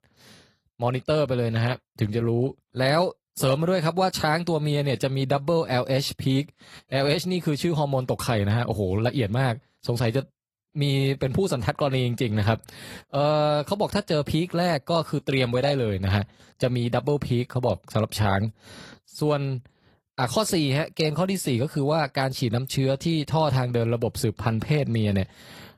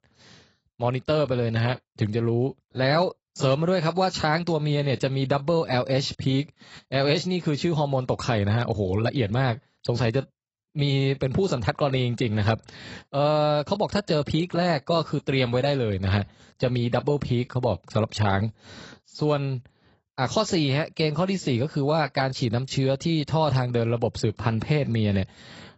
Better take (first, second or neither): first